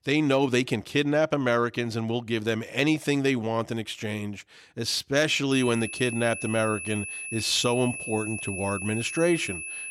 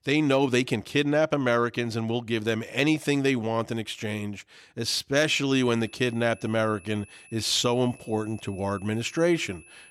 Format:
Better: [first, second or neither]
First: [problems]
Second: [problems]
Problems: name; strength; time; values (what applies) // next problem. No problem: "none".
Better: second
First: high-pitched whine; loud; from 5.5 s on; 2.5 kHz, 7 dB below the speech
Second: high-pitched whine; faint; from 5.5 s on; 2.5 kHz, 25 dB below the speech